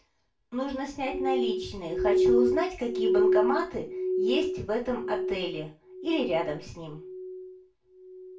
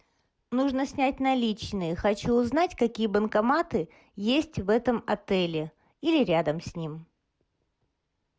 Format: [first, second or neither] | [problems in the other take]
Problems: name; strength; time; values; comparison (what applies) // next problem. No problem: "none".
second | background sound (Glass); 3 dB above the speech // room echo; dies away in 0.3 s